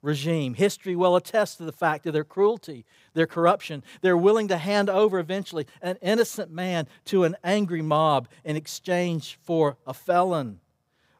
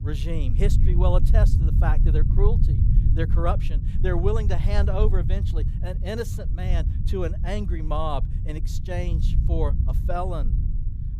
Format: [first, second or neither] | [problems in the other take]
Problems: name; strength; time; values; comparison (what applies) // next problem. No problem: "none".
first | low rumble; loud; throughout; 8 dB below the speech